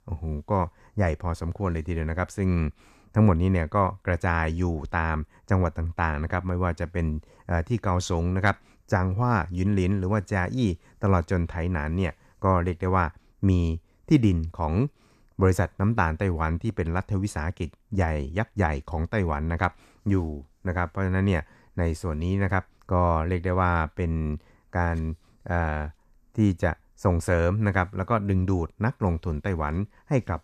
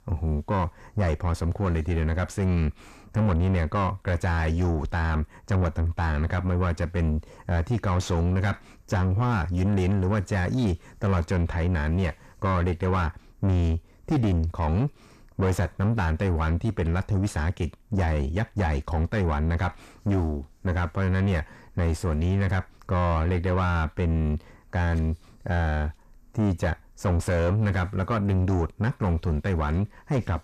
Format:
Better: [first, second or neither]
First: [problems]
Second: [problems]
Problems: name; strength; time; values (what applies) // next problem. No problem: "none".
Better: first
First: none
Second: distortion; heavy; 7 dB below the speech